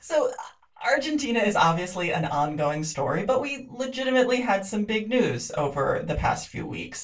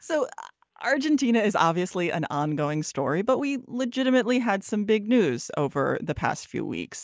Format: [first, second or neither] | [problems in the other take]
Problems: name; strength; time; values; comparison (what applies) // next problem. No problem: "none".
second | room echo; dies away in 0.2 s